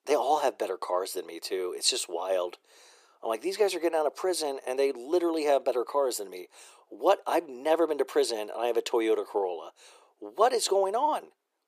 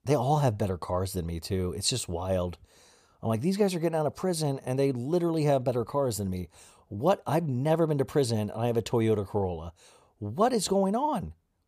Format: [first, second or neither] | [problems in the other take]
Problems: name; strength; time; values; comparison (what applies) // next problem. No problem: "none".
second | thin; very; fading below 350 Hz